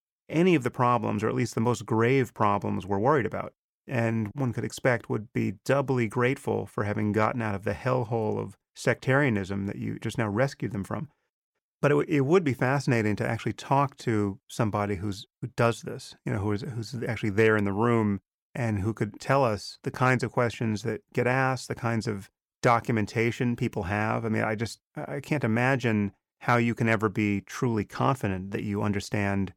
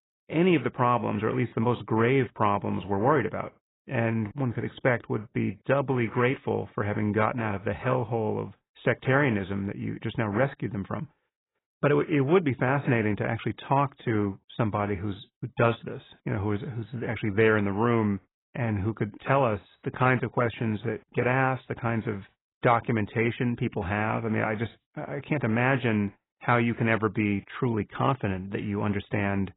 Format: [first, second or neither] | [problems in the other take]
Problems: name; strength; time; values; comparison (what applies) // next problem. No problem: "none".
first | garbled, watery; badly; nothing above 4 kHz